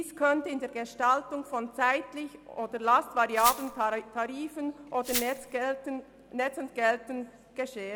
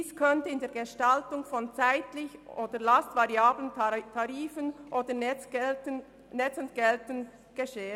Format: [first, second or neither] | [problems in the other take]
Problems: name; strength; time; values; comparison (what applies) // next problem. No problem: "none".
second | background sound (Glass); 7 dB below the speech